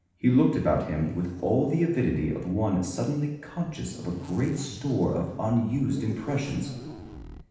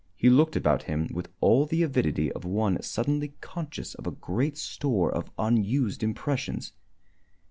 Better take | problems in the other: second | background sound (Zipper (clothing)); 17 dB below the speech // room echo; dies away in 0.9 s

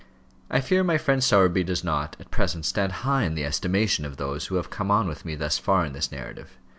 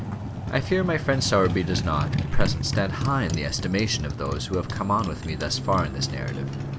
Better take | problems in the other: first | background sound (Motorcycle); 4 dB below the speech

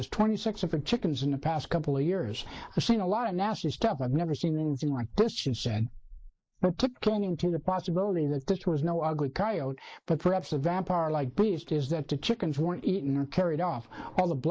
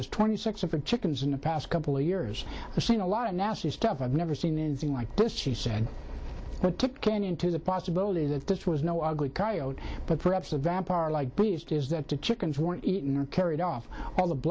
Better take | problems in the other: second | noise reduction (neural mask model Resemble Enhance denoiser)

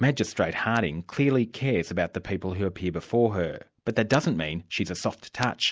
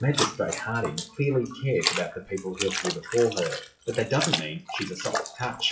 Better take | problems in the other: first | noise reduction (classical method WPE with log-MMSE)

